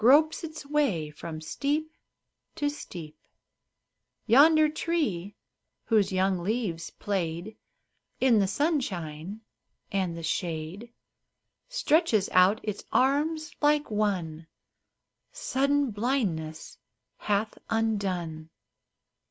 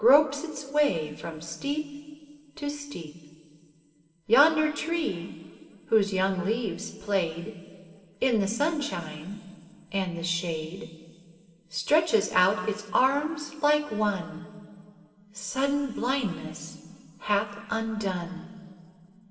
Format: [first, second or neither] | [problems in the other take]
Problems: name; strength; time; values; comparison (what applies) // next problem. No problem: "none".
first | room echo; dies away in 2.6 s